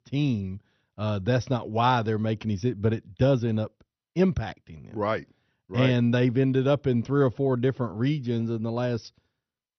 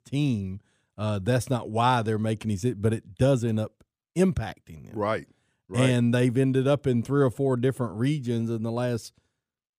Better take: second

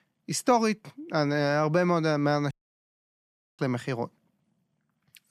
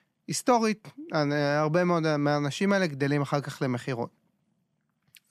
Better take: second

